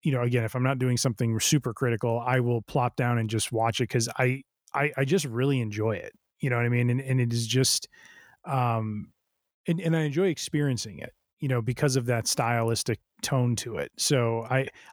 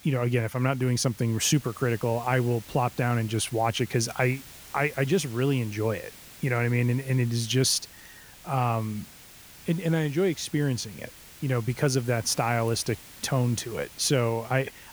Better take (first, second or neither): first